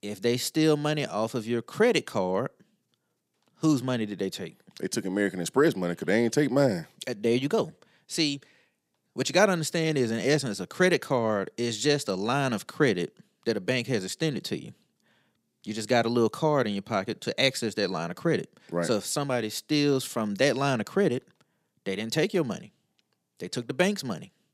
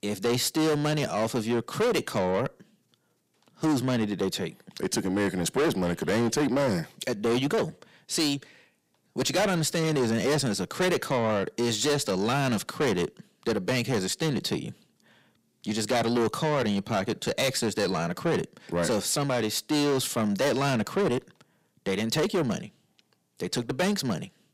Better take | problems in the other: first | distortion; heavy; 6 dB below the speech

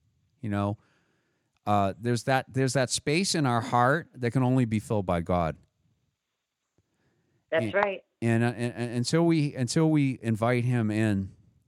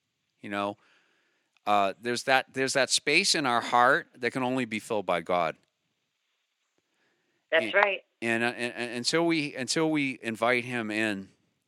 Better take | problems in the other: first | thin; somewhat; fading below 300 Hz

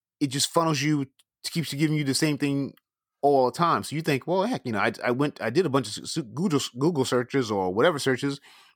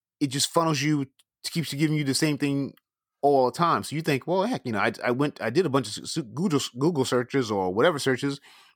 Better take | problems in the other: neither | none

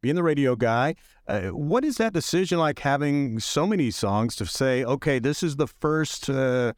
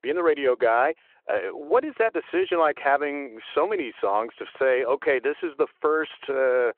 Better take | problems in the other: first | phone-call audio

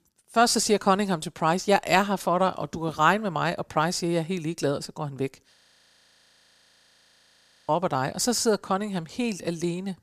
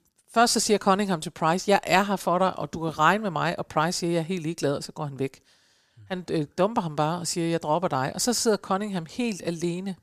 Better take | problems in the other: second | audio freezing; at 5.5 s for 2 s

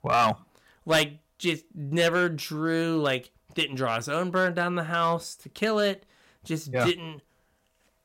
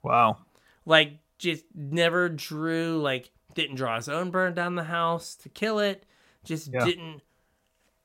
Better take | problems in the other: second | distortion; slight; 3% of the sound clipped

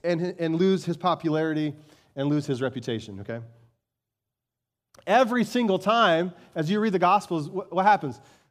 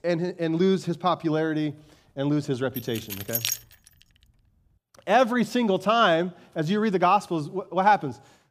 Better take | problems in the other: first | jangling keys; noticeable; at 3 s; peak 2 dB below the speech

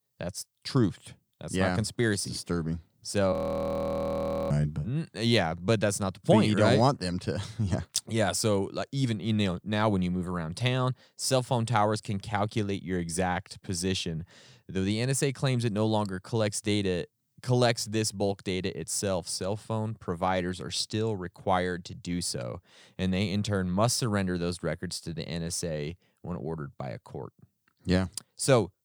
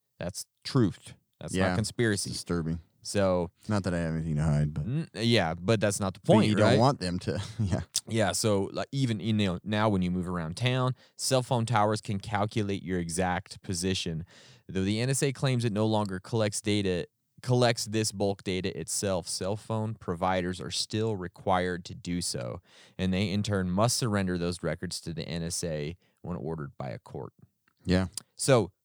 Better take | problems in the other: second | audio freezing; at 3.5 s for 1 s

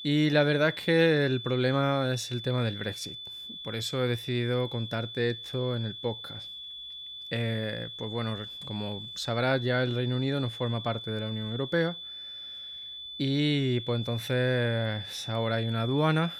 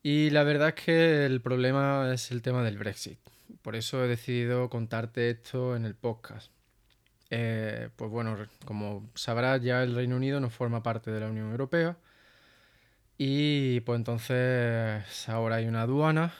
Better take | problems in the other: second | high-pitched whine; loud; throughout; 3.5 kHz, 9 dB below the speech

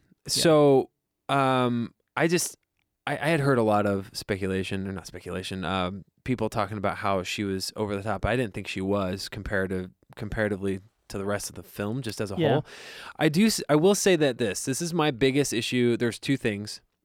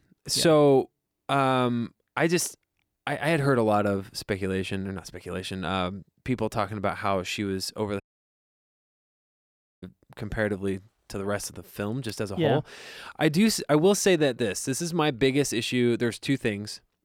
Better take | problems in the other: first | audio cutting out; at 8 s for 2 s

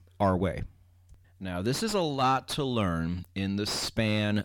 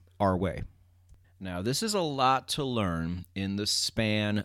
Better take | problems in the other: second | distortion; slight; 10 dB below the speech

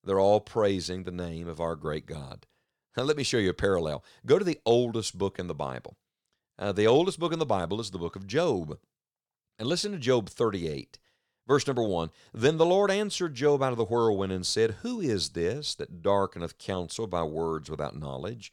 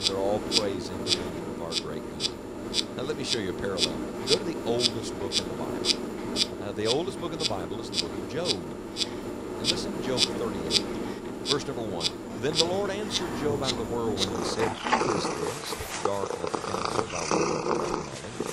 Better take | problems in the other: first | animal sounds; very loud; throughout; 5 dB above the speech

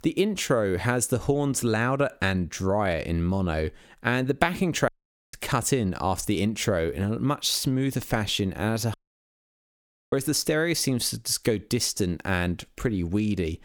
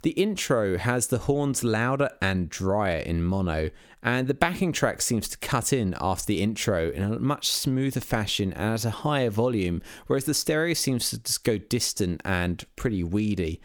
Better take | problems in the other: second | audio cutting out; at 5 s and at 9 s for 1 s

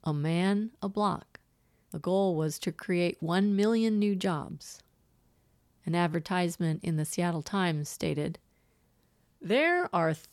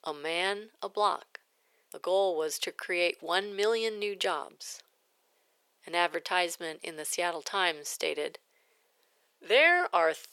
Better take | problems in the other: first | thin; very; fading below 450 Hz

